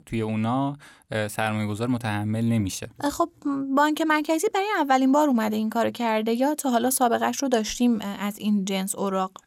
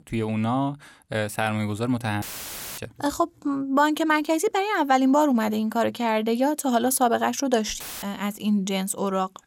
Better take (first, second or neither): first